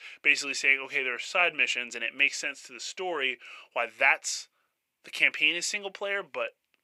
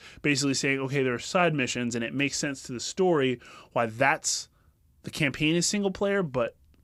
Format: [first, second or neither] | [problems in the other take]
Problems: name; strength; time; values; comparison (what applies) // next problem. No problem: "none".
second | thin; very; fading below 600 Hz